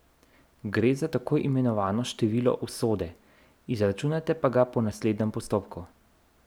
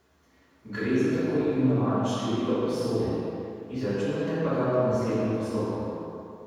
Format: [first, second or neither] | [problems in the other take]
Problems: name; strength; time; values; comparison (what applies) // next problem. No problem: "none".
first | room echo; dies away in 2.1 s